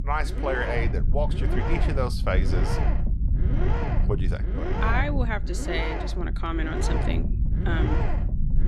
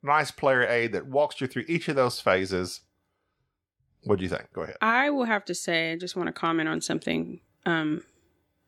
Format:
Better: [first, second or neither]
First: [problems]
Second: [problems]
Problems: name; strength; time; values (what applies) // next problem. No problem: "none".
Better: second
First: low rumble; loud; throughout; 4 dB below the speech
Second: none